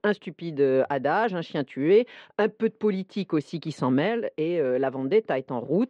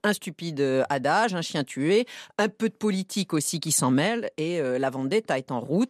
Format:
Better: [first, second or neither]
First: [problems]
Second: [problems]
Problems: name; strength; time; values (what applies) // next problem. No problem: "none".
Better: second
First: muffled; very; fading above 3 kHz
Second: none